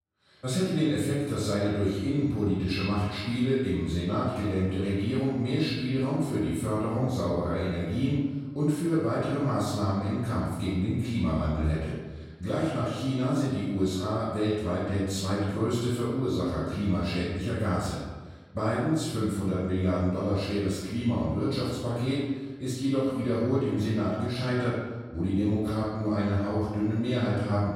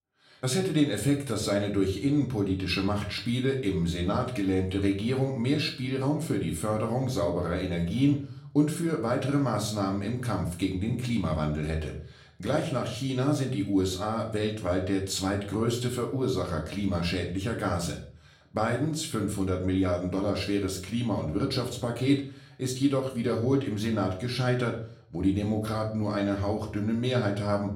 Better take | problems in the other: second | room echo; strong; dies away in 1.2 s; slight in the second // off-mic speech; far; somewhat distant in the second

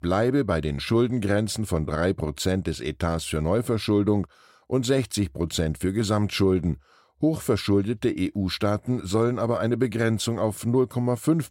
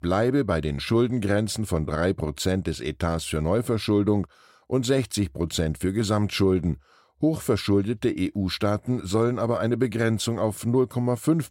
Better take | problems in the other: neither | none

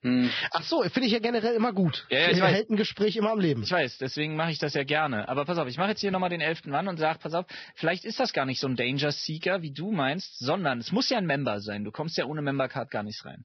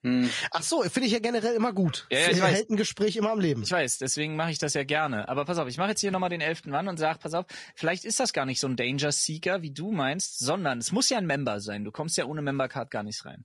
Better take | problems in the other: second | garbled, watery; badly; nothing above 5.5 kHz; slightly in the second

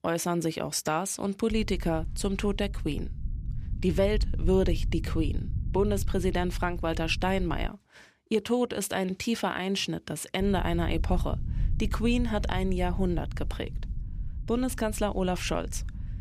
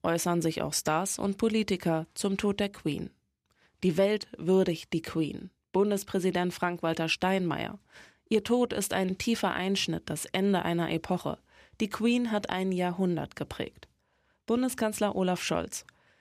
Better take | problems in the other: second | low rumble; faint; from 1.5 to 7.5 s and from 10 s on; 20 dB below the speech

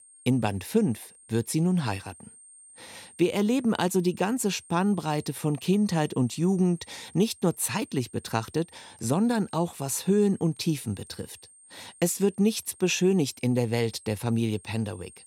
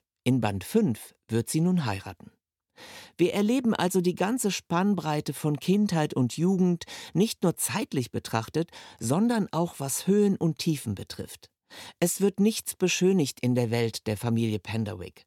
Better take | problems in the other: second | high-pitched whine; faint; throughout; 8.5 kHz, 25 dB below the speech

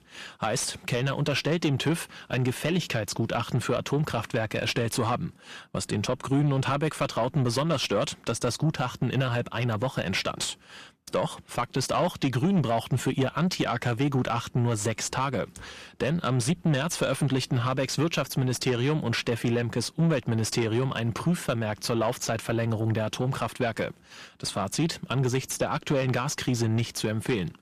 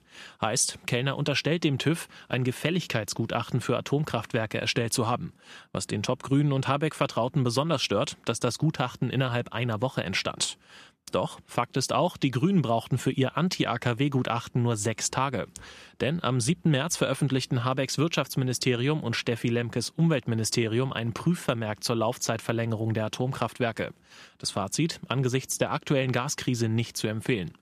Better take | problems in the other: second | distortion; slight; 10 dB below the speech

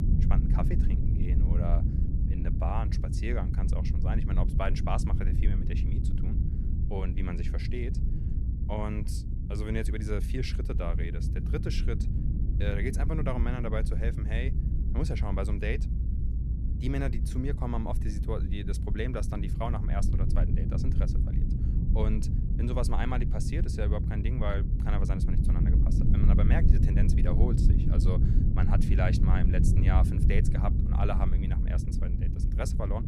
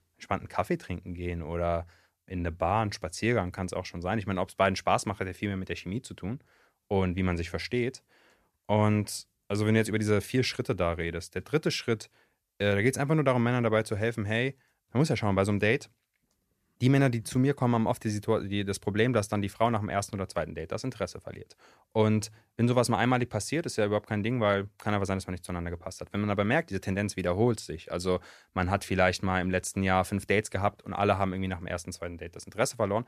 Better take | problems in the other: second | low rumble; loud; throughout; 4 dB below the speech

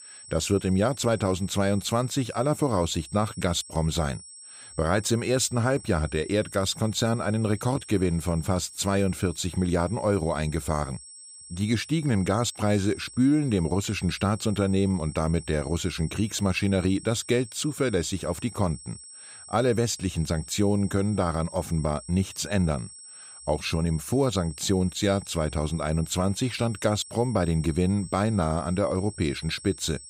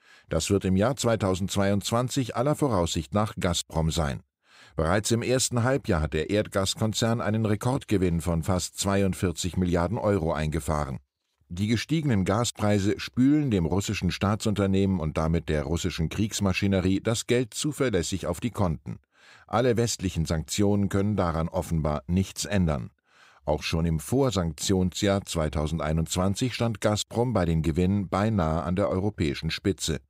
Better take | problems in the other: second | high-pitched whine; noticeable; throughout; 8 kHz, 15 dB below the speech

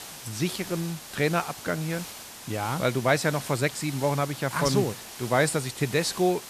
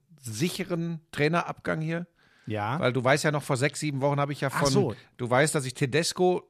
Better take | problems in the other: second | hiss; noticeable; throughout; 10 dB below the speech

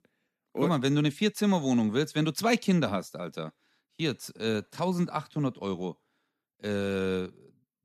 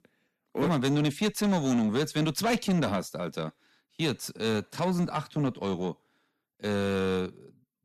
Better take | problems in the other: first | distortion; slight; 10 dB below the speech

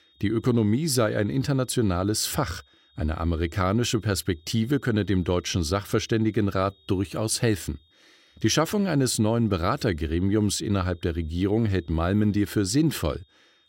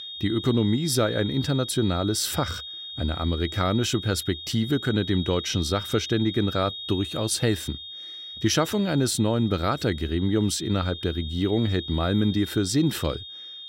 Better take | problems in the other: first | high-pitched whine; loud; throughout; 3.5 kHz, 10 dB below the speech; faint in the first

